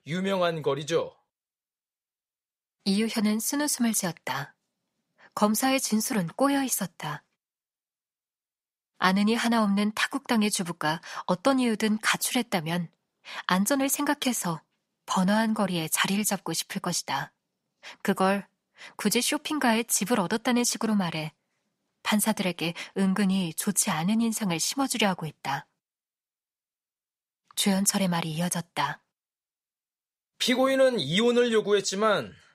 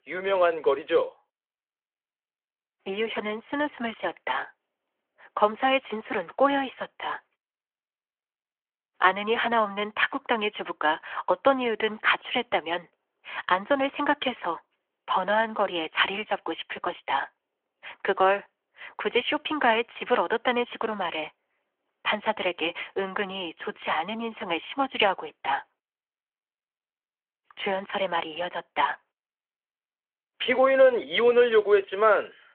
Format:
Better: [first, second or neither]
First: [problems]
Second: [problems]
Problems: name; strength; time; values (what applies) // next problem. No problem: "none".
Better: first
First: none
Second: phone-call audio